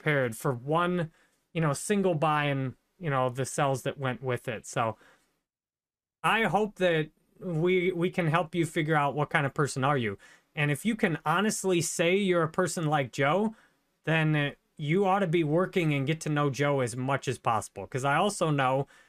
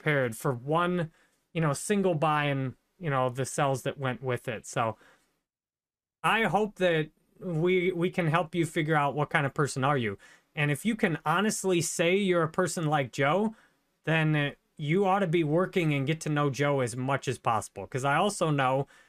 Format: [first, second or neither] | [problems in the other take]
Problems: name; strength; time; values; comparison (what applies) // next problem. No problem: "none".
neither | none